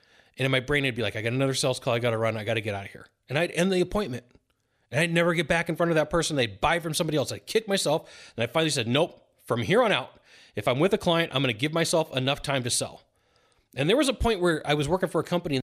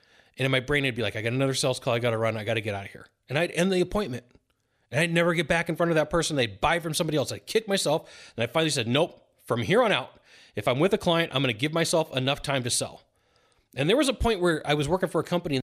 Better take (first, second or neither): neither